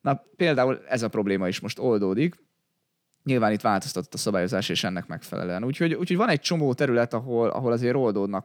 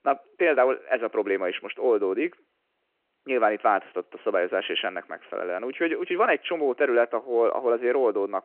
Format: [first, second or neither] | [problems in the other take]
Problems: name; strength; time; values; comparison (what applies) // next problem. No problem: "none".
first | phone-call audio